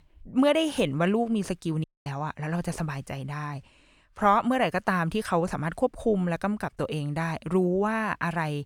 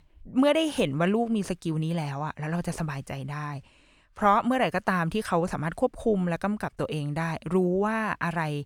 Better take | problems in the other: second | audio cutting out; at 2 s

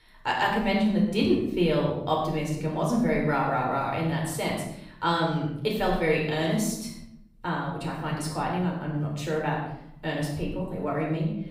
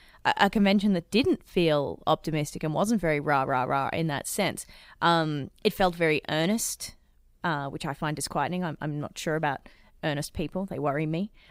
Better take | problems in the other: second | off-mic speech; far // room echo; noticeable; dies away in 0.7 s

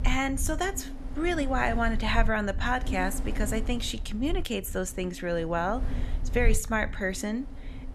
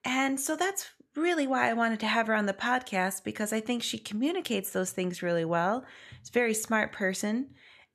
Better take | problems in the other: second | wind noise on the microphone; occasional gusts; 15 dB below the speech

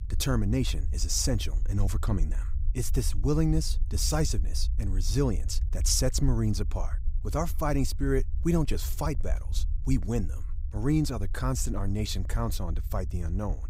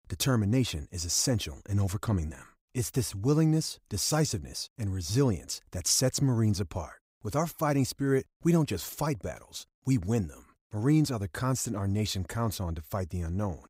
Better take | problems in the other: second | low rumble; faint; throughout; 20 dB below the speech

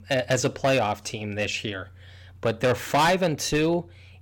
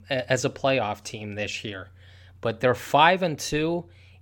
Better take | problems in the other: second | distortion; heavy; 7% of the sound clipped

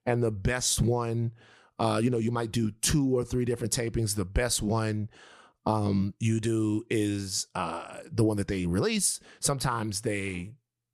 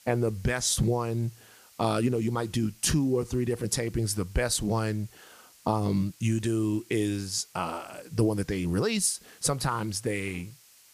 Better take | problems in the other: first | hiss; faint; throughout; 25 dB below the speech

